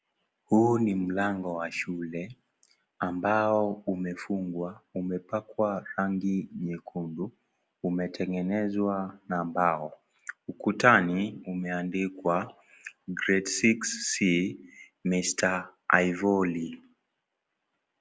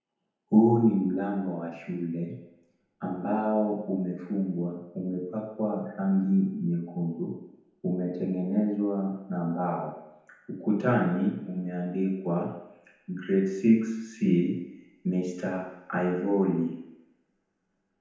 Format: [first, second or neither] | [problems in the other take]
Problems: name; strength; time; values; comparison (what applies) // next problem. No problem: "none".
first | room echo; dies away in 0.9 s